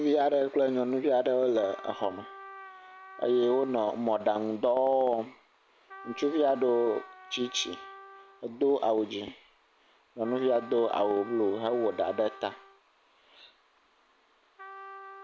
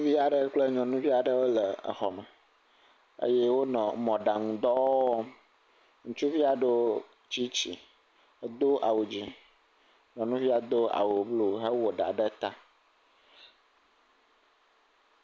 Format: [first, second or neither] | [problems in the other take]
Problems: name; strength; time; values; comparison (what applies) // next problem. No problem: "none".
second | background sound (Trumpet); 19 dB below the speech